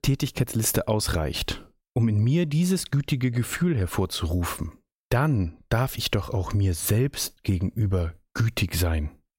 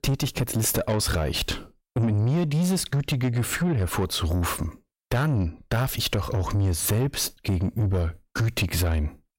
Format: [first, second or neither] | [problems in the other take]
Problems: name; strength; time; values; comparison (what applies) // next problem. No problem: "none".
first | distortion; slight; 10 dB below the speech